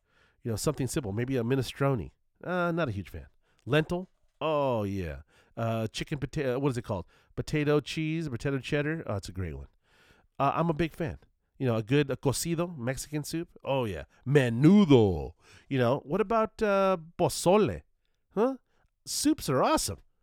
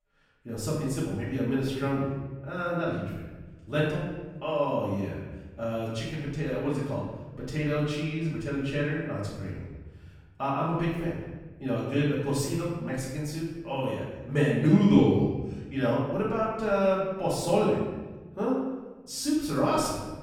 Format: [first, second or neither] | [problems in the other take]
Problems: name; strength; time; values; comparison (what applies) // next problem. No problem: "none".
first | off-mic speech; far // room echo; noticeable; dies away in 1.1 s